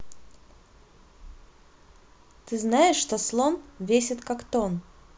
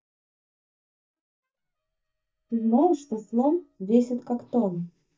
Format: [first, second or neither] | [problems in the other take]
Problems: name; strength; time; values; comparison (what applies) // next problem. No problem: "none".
first | noise reduction (neural mask model DeepFilterNet 3)